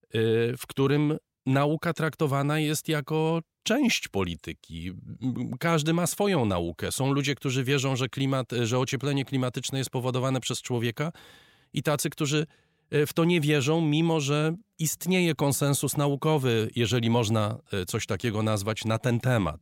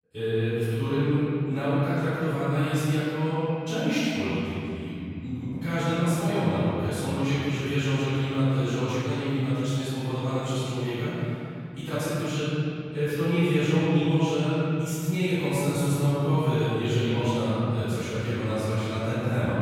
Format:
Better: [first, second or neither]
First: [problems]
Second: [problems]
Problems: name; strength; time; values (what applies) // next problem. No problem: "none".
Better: first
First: none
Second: off-mic speech; far // room echo; strong; dies away in 3 s